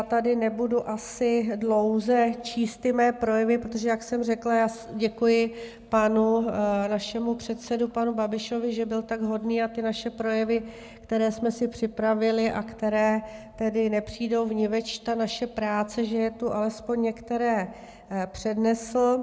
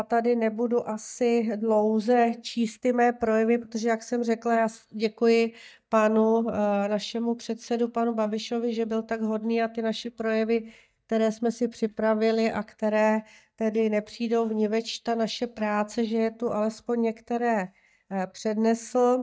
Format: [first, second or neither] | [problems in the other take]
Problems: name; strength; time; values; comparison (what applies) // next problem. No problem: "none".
first | noise reduction (neural mask model DeepFilterNet 3)